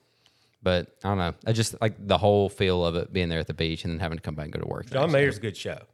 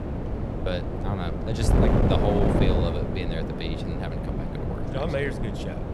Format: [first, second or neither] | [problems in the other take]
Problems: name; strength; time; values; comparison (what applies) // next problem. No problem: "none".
first | wind noise on the microphone; heavy; 1 dB above the speech